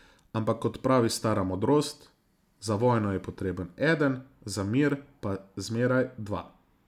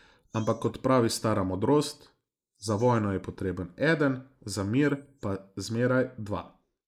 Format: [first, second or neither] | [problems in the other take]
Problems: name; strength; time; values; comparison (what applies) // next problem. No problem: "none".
first | noise reduction (neural mask model Resemble Enhance denoiser)